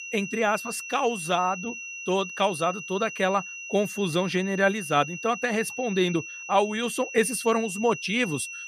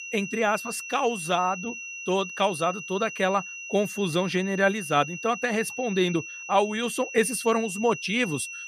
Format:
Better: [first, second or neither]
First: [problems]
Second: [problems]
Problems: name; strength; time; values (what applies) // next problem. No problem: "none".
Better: neither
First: high-pitched whine; loud; throughout; 2.5 kHz, 9 dB below the speech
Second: high-pitched whine; loud; throughout; 2.5 kHz, 9 dB below the speech